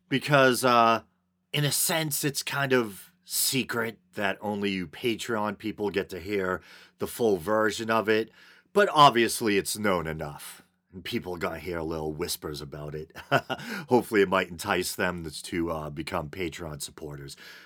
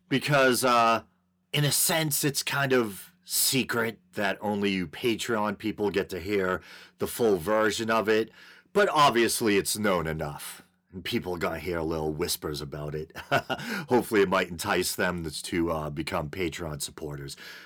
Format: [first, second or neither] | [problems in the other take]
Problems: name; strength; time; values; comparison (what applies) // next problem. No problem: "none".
first | distortion; slight; 10 dB below the speech